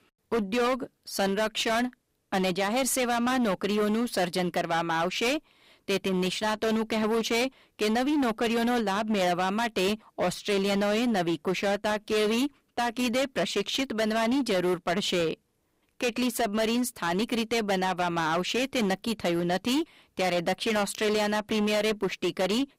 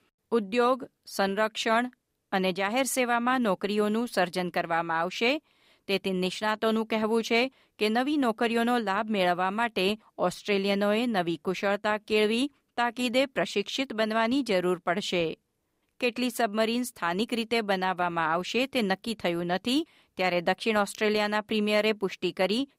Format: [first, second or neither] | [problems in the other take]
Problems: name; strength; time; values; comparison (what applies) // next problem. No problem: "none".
second | distortion; heavy; 20% of the sound clipped